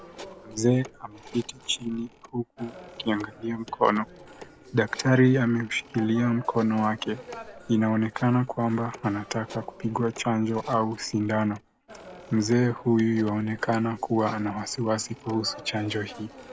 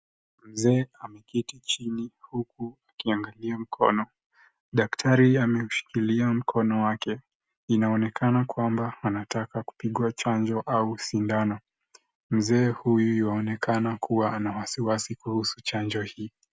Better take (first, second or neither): second